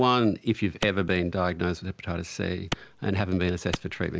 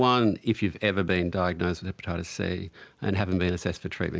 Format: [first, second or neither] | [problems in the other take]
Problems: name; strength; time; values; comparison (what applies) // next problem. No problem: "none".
second | background sound (Clapping); 7 dB below the speech